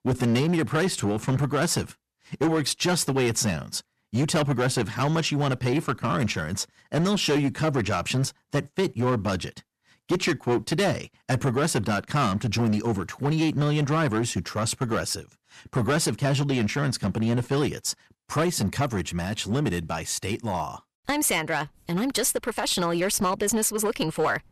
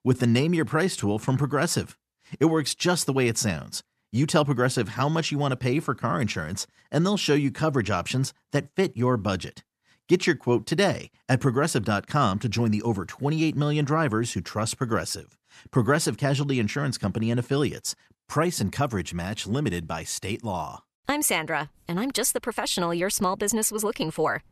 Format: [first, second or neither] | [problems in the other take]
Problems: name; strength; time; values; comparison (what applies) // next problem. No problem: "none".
second | distortion; slight; 10% of the sound clipped